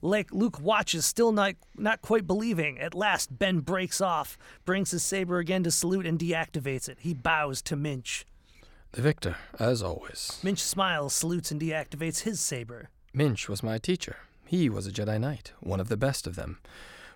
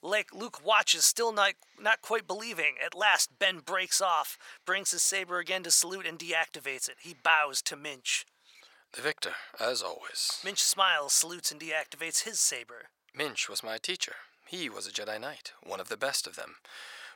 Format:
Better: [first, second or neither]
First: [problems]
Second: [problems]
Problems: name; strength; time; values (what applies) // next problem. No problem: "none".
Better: first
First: none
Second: thin; very; fading below 750 Hz